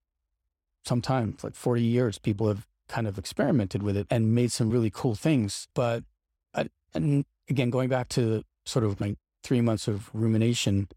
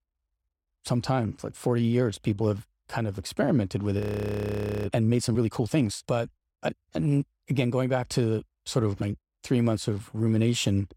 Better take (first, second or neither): first